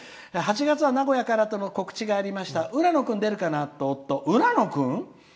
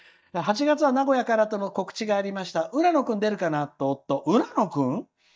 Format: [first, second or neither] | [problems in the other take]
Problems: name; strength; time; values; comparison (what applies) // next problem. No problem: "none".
first | noise reduction (neural mask model DeepFilterNet 3)